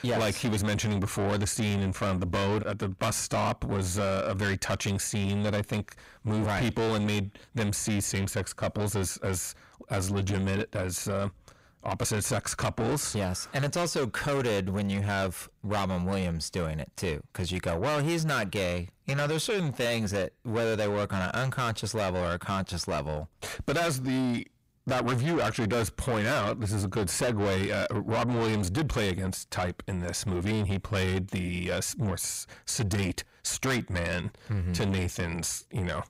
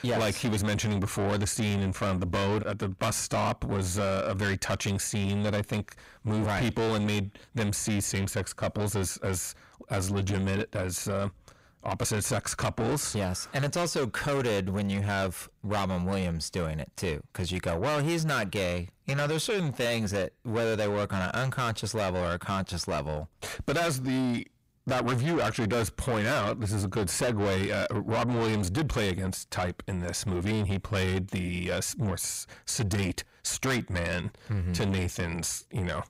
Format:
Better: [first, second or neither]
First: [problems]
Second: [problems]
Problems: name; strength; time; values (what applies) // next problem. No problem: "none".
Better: neither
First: distortion; heavy; 6 dB below the speech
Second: distortion; heavy; 6 dB below the speech